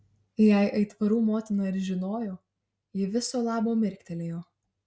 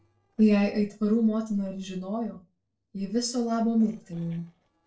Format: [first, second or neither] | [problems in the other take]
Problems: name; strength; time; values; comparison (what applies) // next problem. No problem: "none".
first | noise reduction (neural separator model SepFormer DNS4)